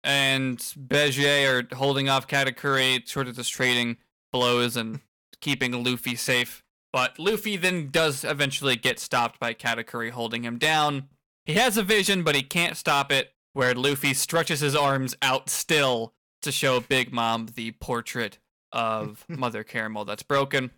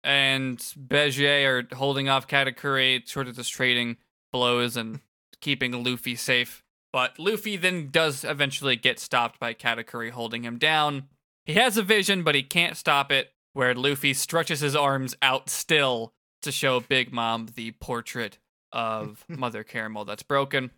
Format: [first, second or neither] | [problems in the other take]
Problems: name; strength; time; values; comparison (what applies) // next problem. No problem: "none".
second | distortion; slight; 5% of the sound clipped